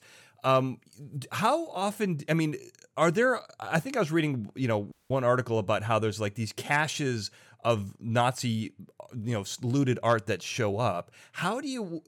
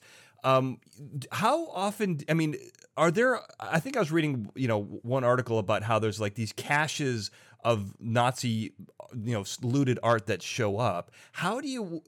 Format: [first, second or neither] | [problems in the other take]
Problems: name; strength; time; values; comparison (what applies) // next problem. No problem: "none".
second | audio cutting out; at 5 s